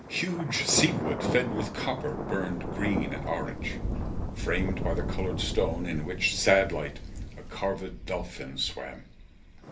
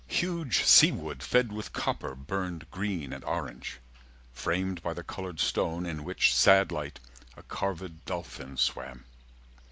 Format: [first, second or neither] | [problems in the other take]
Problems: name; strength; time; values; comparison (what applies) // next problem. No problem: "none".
second | background sound (Thunder); 3 dB below the speech // room echo; dies away in 0.3 s